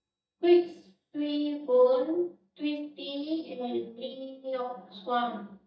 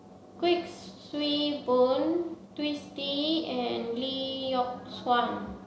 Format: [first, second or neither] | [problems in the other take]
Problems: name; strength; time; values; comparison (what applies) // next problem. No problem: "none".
second | noise reduction (neural mask model DeepFilterNet 3)